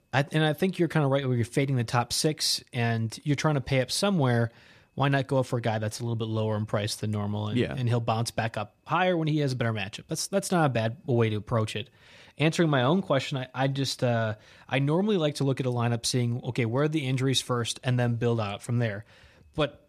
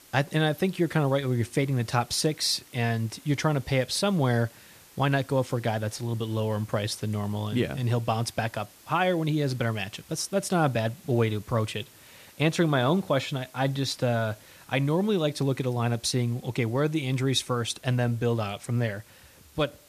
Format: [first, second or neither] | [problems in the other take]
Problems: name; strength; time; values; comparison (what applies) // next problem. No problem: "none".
first | hiss; faint; throughout; 25 dB below the speech